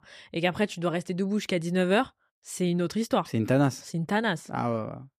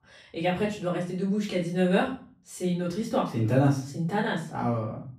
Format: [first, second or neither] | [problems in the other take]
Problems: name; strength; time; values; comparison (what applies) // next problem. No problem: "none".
first | room echo; slight; dies away in 0.4 s // off-mic speech; far